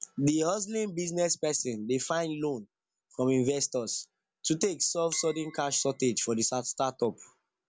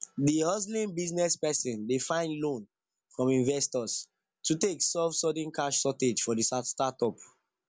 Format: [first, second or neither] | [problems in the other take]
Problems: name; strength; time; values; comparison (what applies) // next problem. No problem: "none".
second | background sound (Chink, clink); 18 dB below the speech